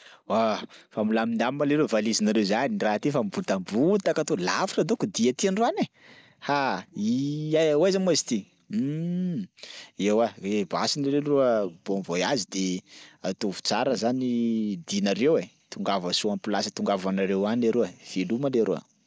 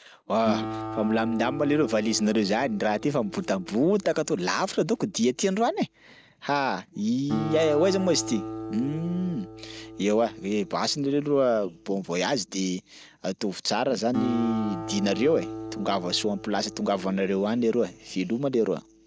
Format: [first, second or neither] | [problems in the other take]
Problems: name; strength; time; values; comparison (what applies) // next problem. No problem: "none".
first | background sound (Acoustic guitar); 11 dB below the speech